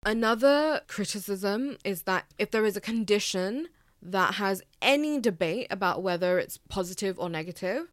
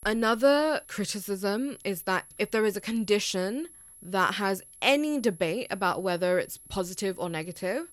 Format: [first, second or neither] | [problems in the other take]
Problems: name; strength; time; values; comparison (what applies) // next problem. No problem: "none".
first | high-pitched whine; noticeable; throughout; 11 kHz, 20 dB below the speech